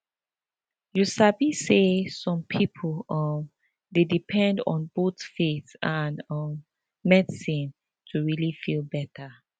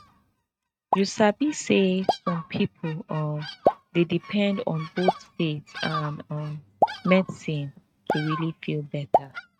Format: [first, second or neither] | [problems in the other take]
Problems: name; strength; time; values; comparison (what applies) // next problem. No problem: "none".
first | noise reduction (neural mask model RNNoise)